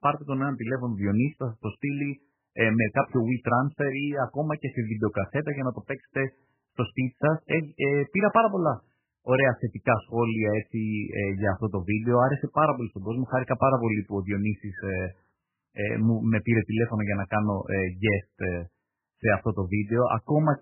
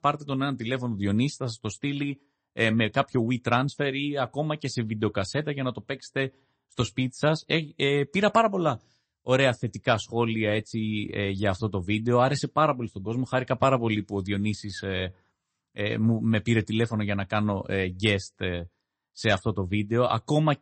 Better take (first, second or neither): second